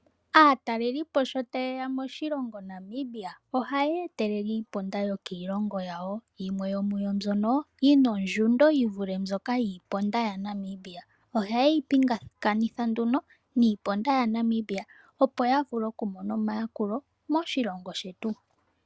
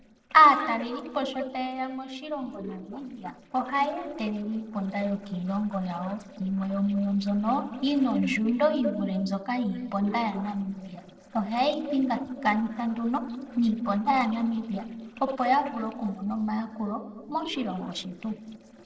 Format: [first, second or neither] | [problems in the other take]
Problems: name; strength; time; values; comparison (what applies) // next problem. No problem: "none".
first | noise reduction (neural separator model SepFormer DNS4)